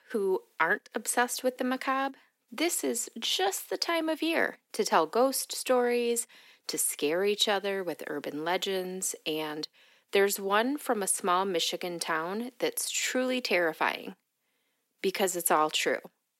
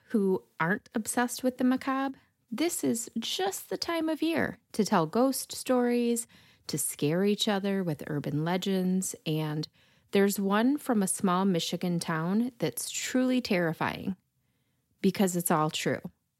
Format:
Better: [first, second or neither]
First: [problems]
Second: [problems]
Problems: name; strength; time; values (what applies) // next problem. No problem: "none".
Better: second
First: thin; somewhat; fading below 350 Hz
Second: none